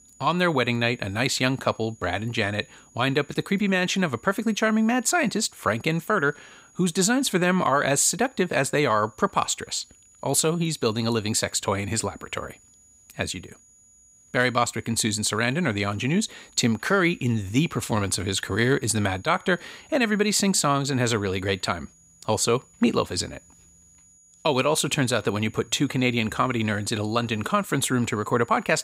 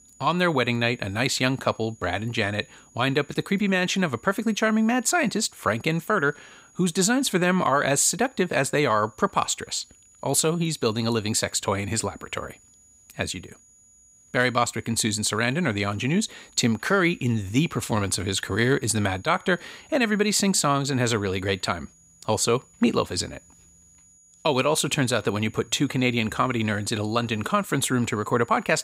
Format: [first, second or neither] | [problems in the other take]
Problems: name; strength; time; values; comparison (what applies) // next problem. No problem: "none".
neither | high-pitched whine; faint; throughout; 6.5 kHz, 30 dB below the speech; the same in both